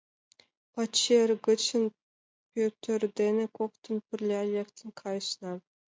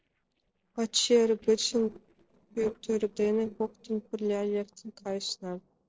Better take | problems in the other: first | noise reduction (neural separator model SepFormer DNS4)

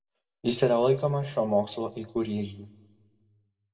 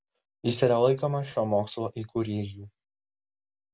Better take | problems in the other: second | room echo; dies away in 1 s

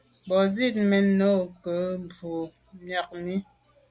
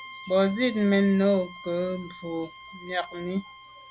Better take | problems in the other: first | background sound (Bowed string instrument); 18 dB below the speech

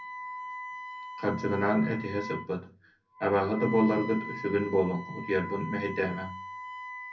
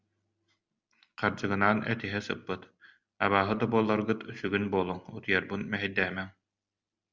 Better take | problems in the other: second | background sound (Wind instrument, woodwind instrument); 10 dB below the speech // room echo; dies away in 0.3 s

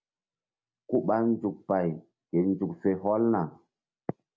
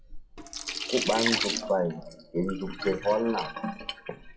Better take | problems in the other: first | noise reduction (classical method WPE with log-MMSE)

